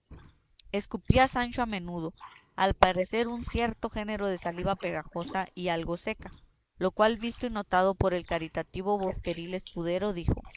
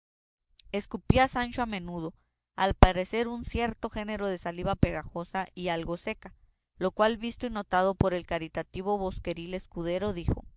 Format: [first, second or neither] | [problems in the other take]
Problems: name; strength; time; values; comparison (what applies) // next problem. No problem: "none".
second | noise reduction (neural mask model Resemble Enhance denoiser)